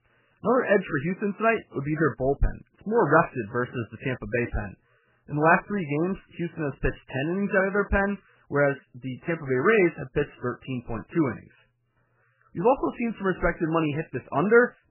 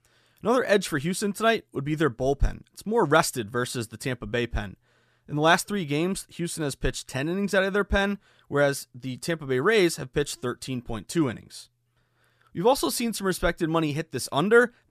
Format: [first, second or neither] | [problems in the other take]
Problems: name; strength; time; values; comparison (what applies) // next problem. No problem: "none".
second | garbled, watery; badly; nothing above 3 kHz